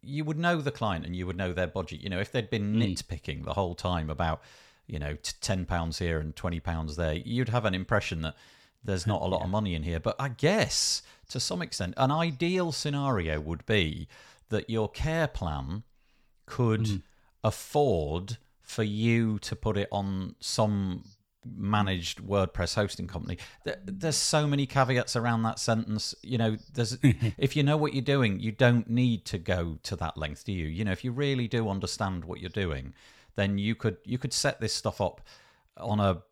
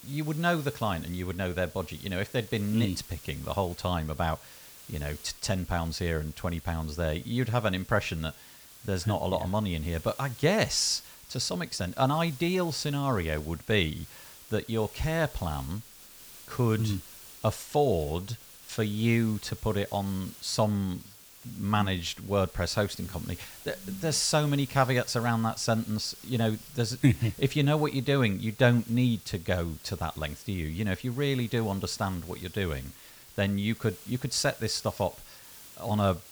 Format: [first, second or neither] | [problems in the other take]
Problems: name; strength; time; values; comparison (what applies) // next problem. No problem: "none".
first | hiss; noticeable; throughout; 15 dB below the speech